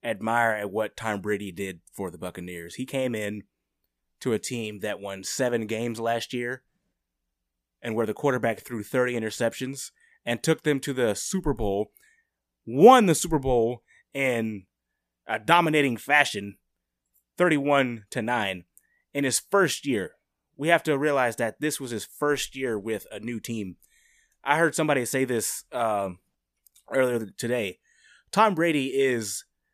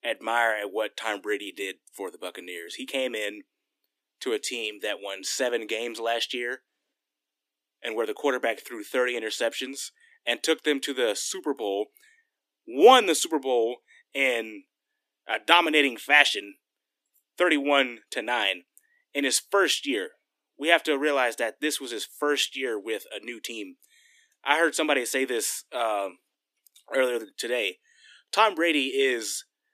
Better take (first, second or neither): first